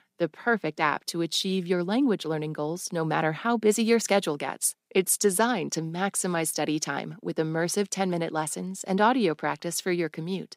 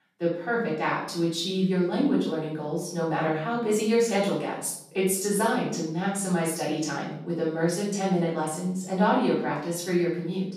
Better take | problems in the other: first | off-mic speech; far // room echo; noticeable; dies away in 0.7 s

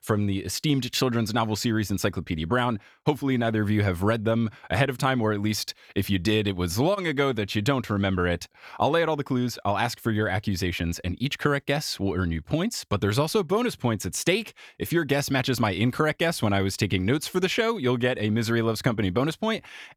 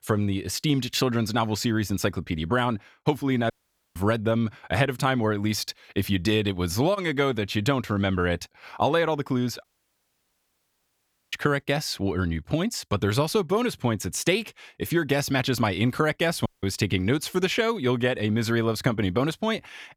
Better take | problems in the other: first | audio cutting out; at 3.5 s, at 9.5 s for 1.5 s and at 16 s

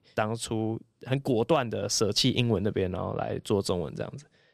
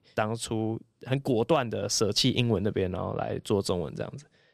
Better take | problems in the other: neither | none

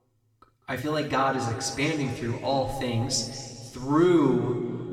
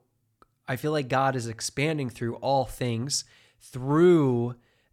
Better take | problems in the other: second | room echo; noticeable; dies away in 2.3 s // off-mic speech; somewhat distant

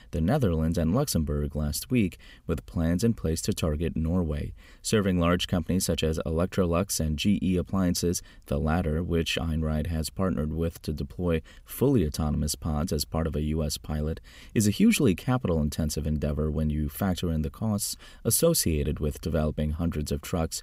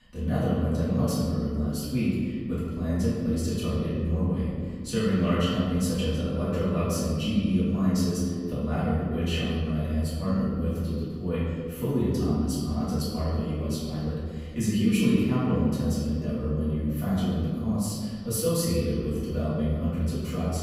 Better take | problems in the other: first | off-mic speech; far // room echo; strong; dies away in 2 s

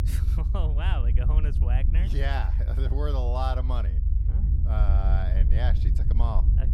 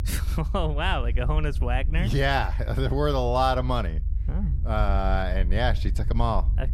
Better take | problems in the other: second | low rumble; loud; throughout; 8 dB below the speech; faint in the second

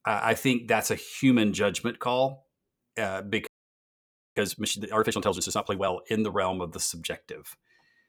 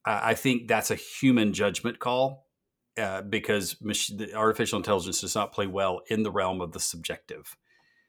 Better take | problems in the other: second | audio freezing; at 3.5 s for 1 s

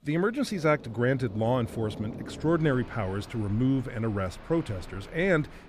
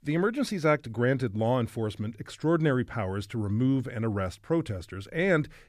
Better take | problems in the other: second | rain or running water; noticeable; throughout; 15 dB below the speech

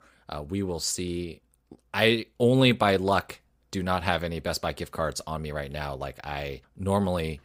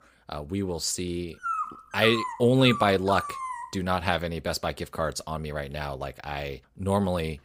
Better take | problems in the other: first | dog barking; noticeable; from 1.5 to 3.5 s; peak 3 dB below the speech

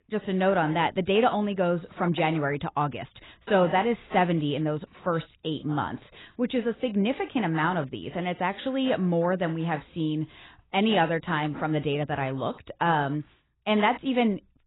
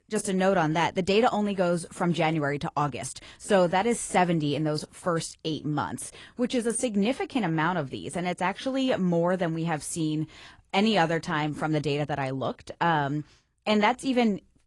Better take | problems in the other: second | garbled, watery; badly; nothing above 3.5 kHz; slightly in the second

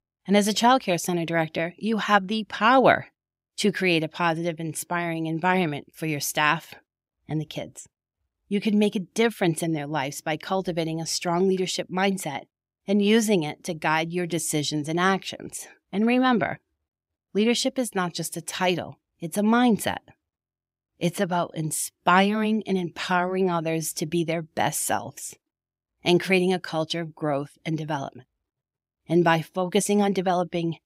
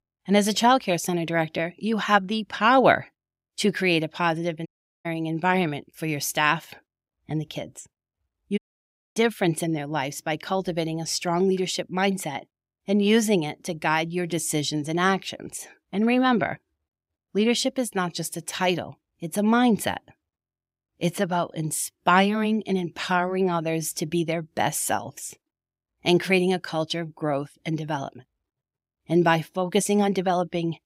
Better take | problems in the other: first | audio cutting out; at 4.5 s and at 8.5 s for 0.5 s

